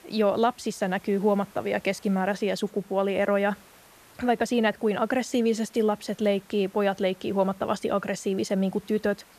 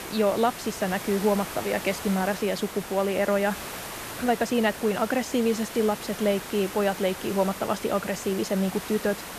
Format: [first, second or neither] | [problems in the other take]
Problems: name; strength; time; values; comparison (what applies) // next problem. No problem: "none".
first | hiss; loud; throughout; 10 dB below the speech; faint in the first